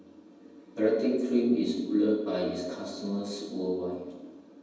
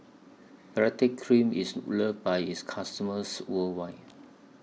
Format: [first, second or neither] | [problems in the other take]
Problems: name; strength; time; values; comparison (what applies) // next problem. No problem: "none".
second | room echo; dies away in 1.1 s